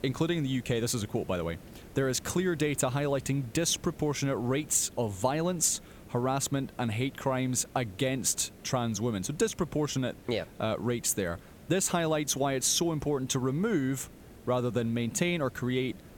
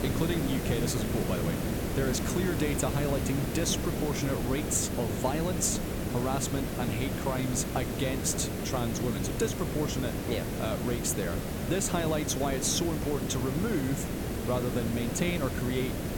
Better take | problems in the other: first | hiss; loud; throughout; 1 dB below the speech; faint in the first

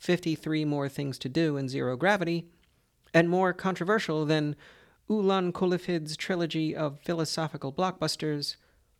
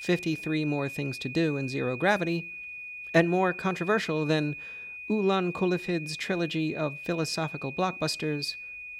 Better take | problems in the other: first | high-pitched whine; loud; throughout; 2.5 kHz, 9 dB below the speech

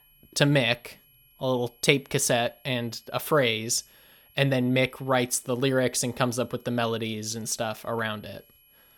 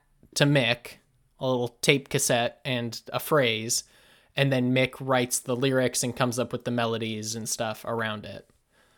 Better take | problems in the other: second | high-pitched whine; faint; throughout; 11.5 kHz, 30 dB below the speech

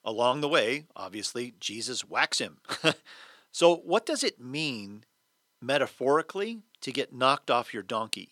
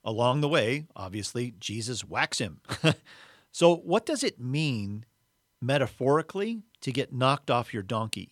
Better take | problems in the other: second | thin; somewhat; fading below 300 Hz

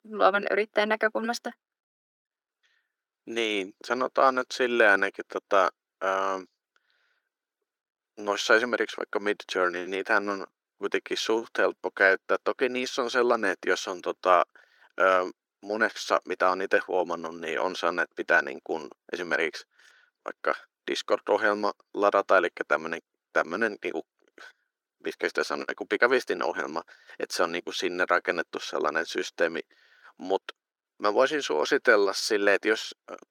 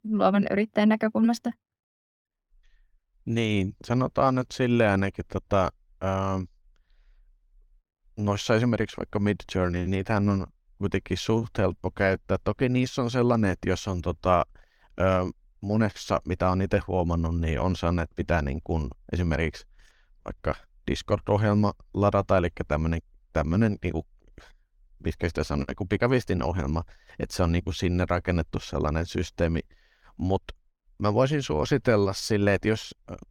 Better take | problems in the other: second | thin; very; fading below 350 Hz

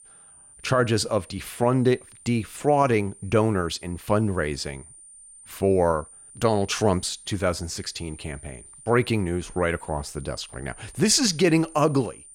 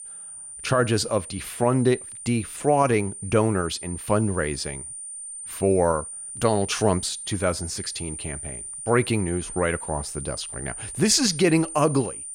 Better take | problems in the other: first | high-pitched whine; loud; throughout; 9 kHz, 10 dB below the speech; faint in the first

